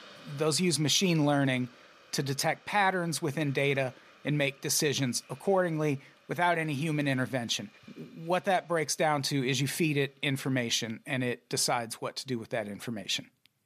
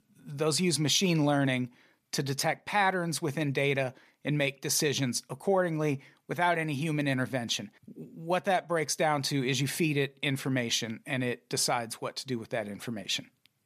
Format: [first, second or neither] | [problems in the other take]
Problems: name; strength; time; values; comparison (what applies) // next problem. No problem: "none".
second | hiss; faint; throughout; 25 dB below the speech